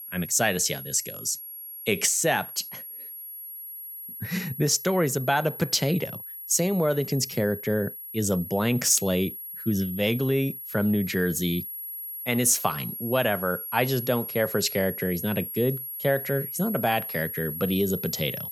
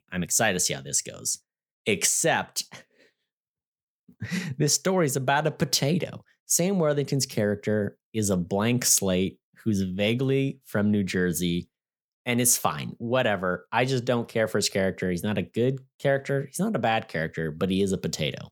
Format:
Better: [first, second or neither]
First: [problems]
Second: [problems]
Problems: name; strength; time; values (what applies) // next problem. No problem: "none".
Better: second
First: high-pitched whine; loud; throughout; 11.5 kHz, 9 dB below the speech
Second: none